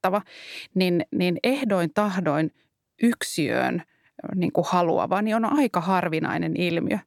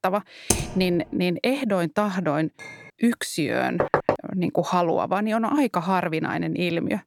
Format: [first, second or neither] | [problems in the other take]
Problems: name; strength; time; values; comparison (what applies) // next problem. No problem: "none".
first | keyboard typing; noticeable; at 0.5 s; peak level with the speech // clattering dishes; faint; at 2.5 s; peak 15 dB below the speech // door banging; loud; at 4 s; peak 2 dB above the speech